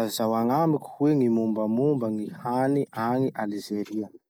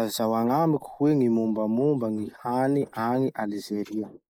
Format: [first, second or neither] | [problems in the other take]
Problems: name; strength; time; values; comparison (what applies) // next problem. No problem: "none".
first | noise reduction (neural mask model Resemble Enhance denoiser)